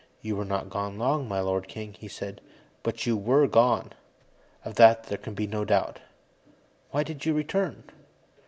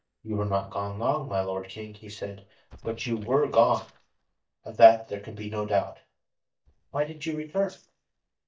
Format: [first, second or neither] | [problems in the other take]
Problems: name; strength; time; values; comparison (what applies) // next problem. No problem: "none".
first | noise reduction (neural mask model DeepFilterNet 3)